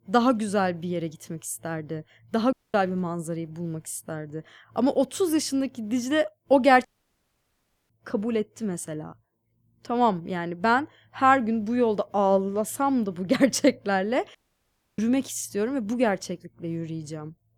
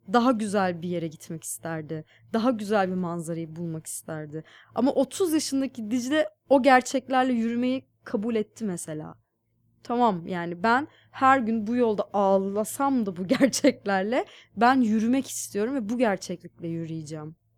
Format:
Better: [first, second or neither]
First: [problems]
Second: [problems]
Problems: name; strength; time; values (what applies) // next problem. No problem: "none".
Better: second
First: audio cutting out; at 2.5 s, at 7 s for 1 s and at 14 s for 0.5 s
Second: none